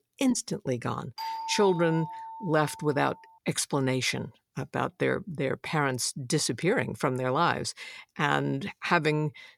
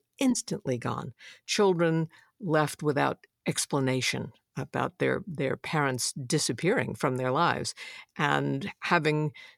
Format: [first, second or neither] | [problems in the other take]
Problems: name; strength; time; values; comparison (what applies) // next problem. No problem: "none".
second | doorbell; noticeable; from 1 to 3 s; peak 6 dB below the speech